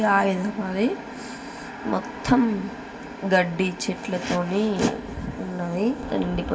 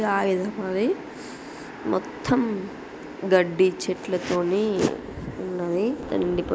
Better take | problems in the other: second | room echo; dies away in 2 s

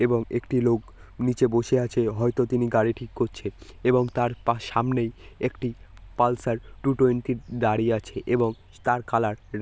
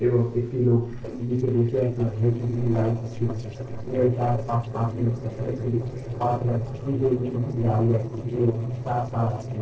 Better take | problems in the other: first | noise reduction (neural separator model SepFormer DNS4)

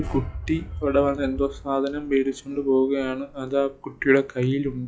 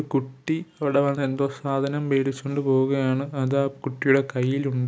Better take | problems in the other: second | noise reduction (classical method log-MMSE)

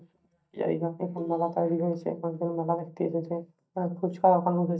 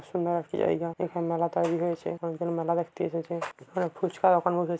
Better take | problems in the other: second | noise reduction (neural mask model DeepFilterNet 3)

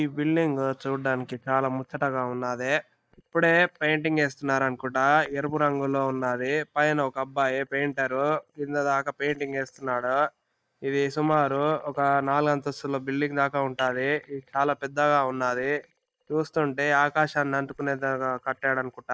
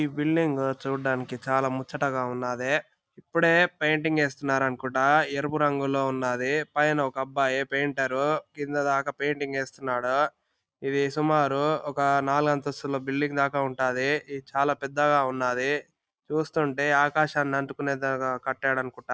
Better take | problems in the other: second | noise reduction (neural mask model DeepFilterNet 3)

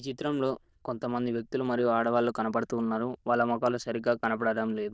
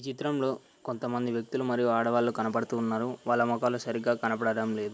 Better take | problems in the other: second | noise reduction (neural diffusion model UNIVERSE++)

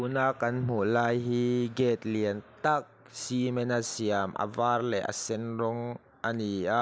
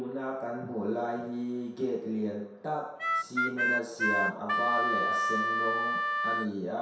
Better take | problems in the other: first | background sound (Harmonica); 5 dB above the speech // room echo; dies away in 0.7 s

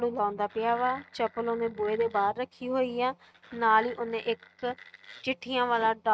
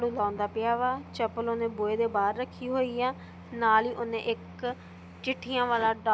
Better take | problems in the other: second | noise reduction (neural mask model RNNoise)

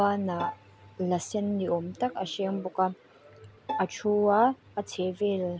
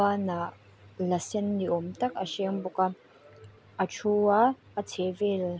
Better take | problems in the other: second | background sound (Bowed string instrument); 11 dB below the speech

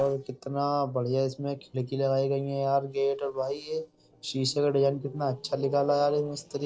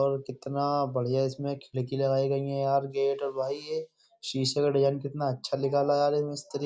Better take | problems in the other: second | noise reduction (neural separator model SepFormer DNS4)

